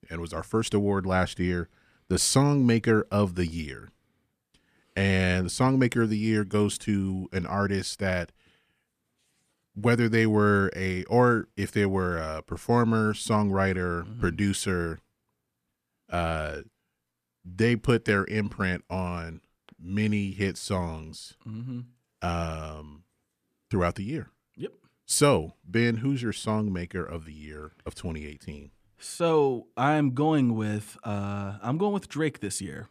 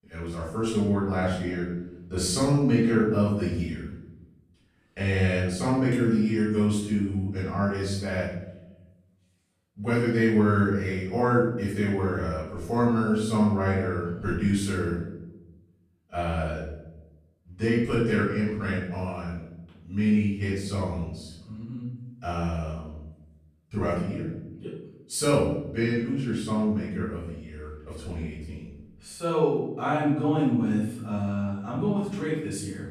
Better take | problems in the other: first | off-mic speech; far // room echo; noticeable; dies away in 0.9 s

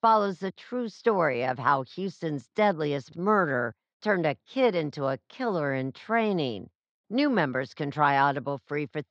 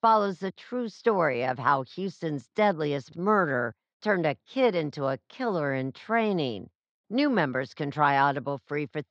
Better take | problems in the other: neither | muffled; very slightly; fading above 4.5 kHz; the same in both

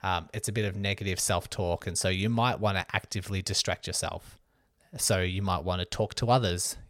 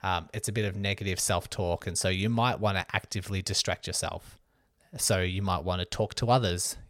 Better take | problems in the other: neither | none

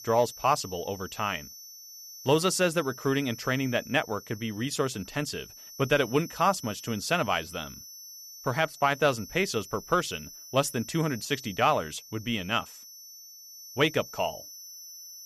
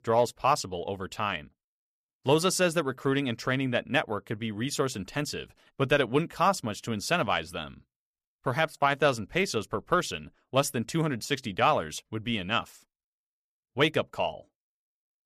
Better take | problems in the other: second | high-pitched whine; noticeable; throughout; 6 kHz, 15 dB below the speech

